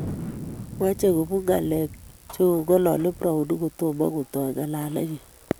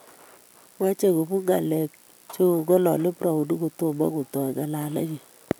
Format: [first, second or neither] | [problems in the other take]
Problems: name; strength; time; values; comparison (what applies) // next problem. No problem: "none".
second | background sound (Thunder); 15 dB below the speech